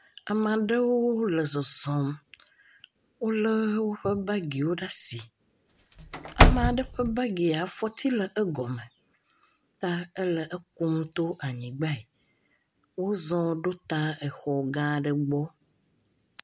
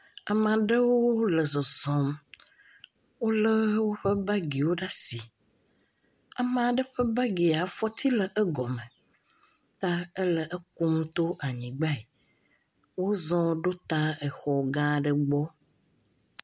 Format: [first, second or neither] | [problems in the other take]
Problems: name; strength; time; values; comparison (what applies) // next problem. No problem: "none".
second | background sound (Slam / Wood); 5 dB above the speech